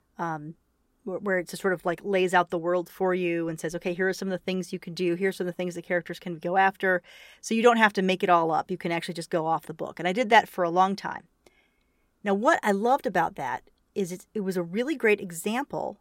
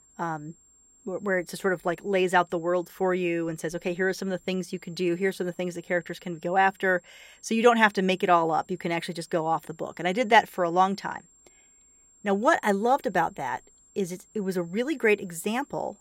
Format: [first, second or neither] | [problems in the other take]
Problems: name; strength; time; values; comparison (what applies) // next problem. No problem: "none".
first | high-pitched whine; faint; throughout; 7.5 kHz, 30 dB below the speech